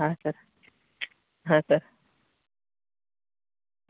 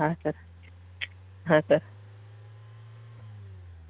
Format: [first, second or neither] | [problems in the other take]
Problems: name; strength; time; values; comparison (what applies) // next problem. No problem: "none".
first | background sound (Engine); 16 dB below the speech